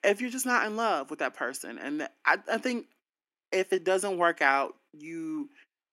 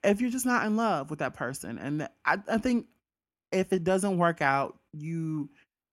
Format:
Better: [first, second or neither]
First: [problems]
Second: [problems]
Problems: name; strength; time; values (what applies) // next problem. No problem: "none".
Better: second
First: thin; somewhat; fading below 300 Hz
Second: none